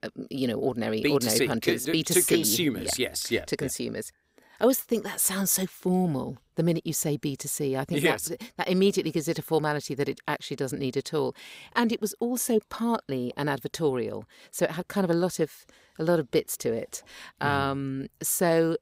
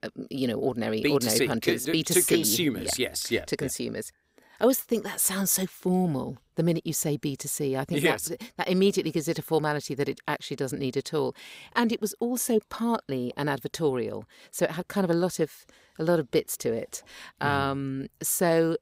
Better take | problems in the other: neither | none

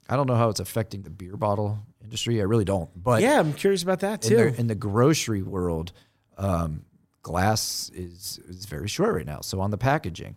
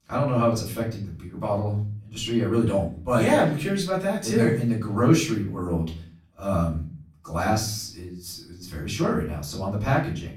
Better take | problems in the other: first | off-mic speech; far // room echo; slight; dies away in 0.4 s

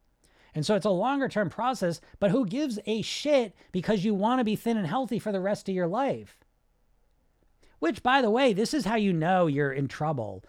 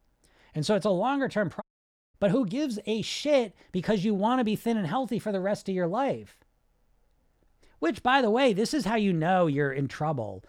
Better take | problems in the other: first | audio cutting out; at 1.5 s for 0.5 s

